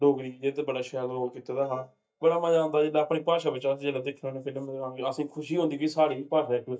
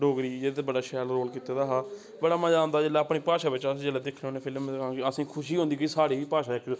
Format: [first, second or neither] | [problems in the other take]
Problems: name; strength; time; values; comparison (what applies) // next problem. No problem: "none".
second | noise reduction (neural mask model DeepFilterNet 3)